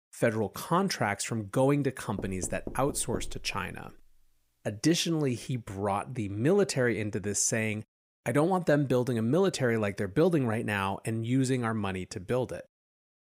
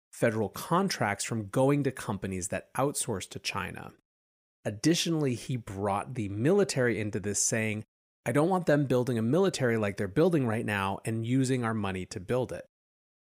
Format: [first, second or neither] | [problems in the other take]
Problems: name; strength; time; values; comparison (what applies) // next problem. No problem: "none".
second | door banging; faint; from 2 to 3.5 s; peak 10 dB below the speech